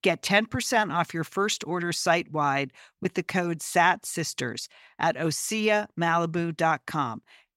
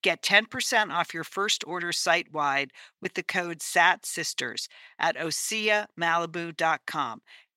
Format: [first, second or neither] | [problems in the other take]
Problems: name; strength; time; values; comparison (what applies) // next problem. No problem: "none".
first | thin; somewhat; fading below 1 kHz